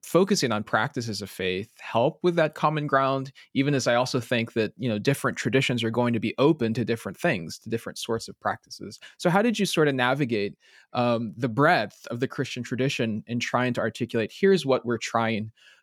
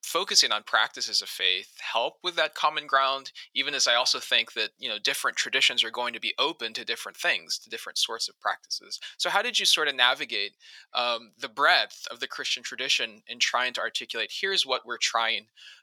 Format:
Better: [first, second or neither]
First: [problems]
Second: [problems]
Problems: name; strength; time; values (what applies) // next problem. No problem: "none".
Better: first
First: none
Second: thin; very; fading below 950 Hz